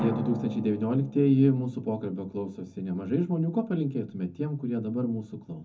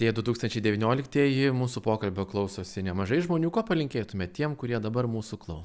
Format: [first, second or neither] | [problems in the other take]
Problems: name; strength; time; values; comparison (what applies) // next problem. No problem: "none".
second | background sound (Drum); 12 dB below the speech // room echo; dies away in 0.3 s